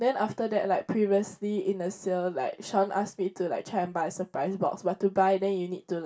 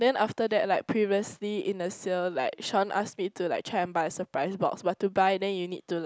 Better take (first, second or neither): second